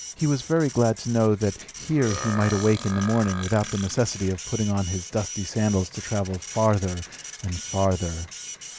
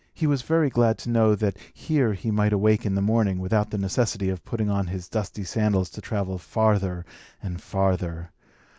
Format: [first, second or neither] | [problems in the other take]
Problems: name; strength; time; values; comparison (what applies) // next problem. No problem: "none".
second | background sound (Burping, eructation + Printer); 12 dB below the speech